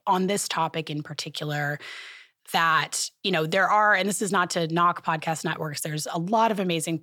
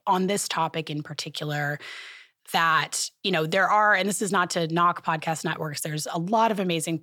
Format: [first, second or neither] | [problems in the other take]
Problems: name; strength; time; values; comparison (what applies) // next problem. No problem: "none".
neither | none